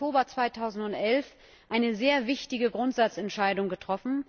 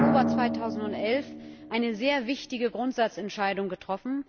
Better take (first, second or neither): first